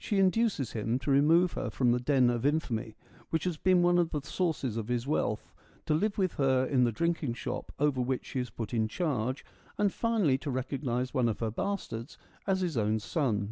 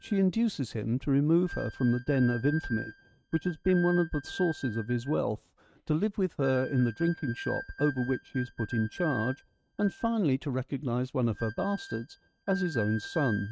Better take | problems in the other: first | noise reduction (neural mask model RNNoise)

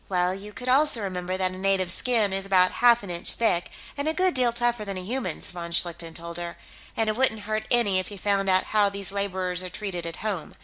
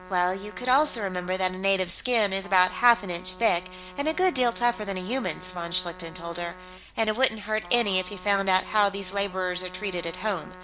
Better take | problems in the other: first | background sound (Trumpet); 18 dB below the speech

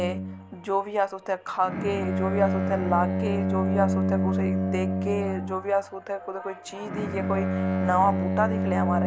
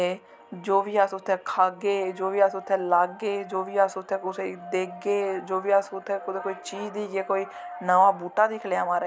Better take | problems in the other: second | background sound (Bowed string instrument); 1 dB above the speech

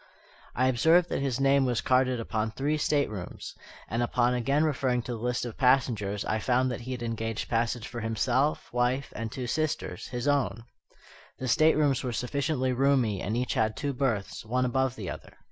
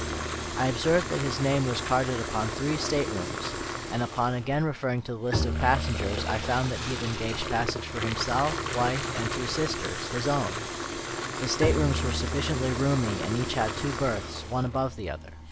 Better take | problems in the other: first | background sound (Bowed string instrument + Fill (with liquid) / Water tap, faucet); 3 dB below the speech

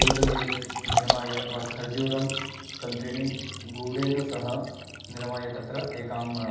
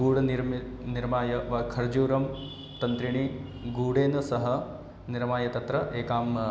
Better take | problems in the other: second | background sound (Liquid); 1 dB above the speech // room echo; dies away in 0.8 s

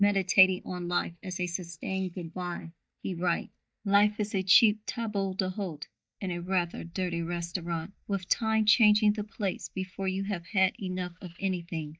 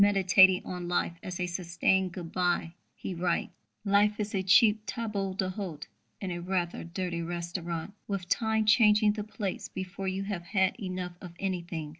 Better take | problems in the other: second | noise reduction (neural mask model DeepFilterNet 3)

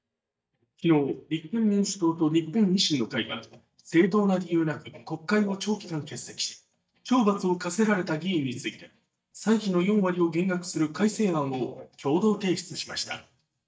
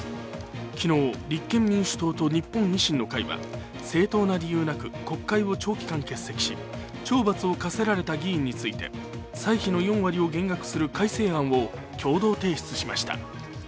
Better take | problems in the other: second | noise reduction (neural mask model DeepFilterNet 3)

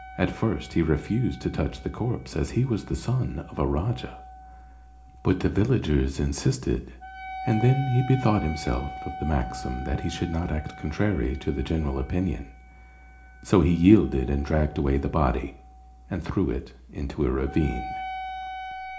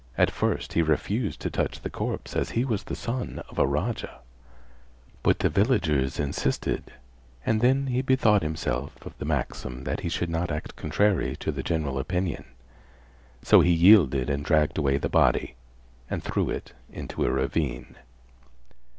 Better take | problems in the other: second | background sound (Wind instrument, woodwind instrument); 15 dB below the speech // room echo; dies away in 0.4 s

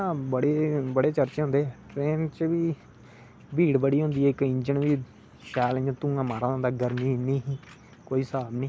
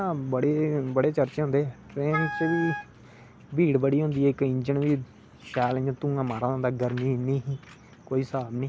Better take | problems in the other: first | background sound (Wind instrument, woodwind instrument); 7 dB below the speech

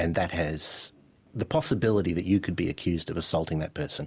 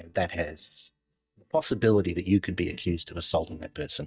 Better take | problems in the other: first | noise reduction (neural mask model DeepFilterNet 3)

